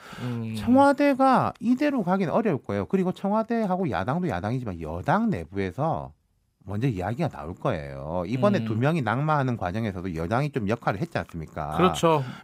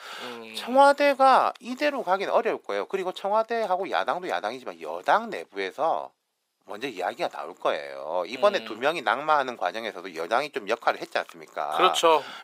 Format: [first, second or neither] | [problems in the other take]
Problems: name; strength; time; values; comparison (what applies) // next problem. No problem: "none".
first | thin; very; fading below 450 Hz